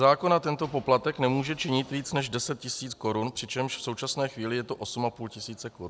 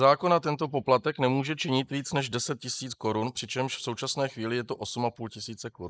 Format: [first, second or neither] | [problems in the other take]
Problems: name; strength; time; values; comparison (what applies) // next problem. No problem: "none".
first | noise reduction (neural mask model Resemble Enhance denoiser)